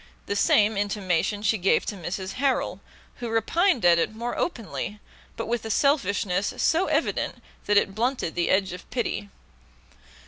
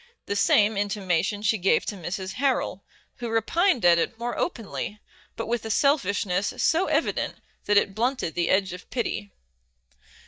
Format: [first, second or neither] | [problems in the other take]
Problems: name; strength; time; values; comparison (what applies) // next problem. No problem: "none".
first | noise reduction (neural mask model DeepFilterNet 3)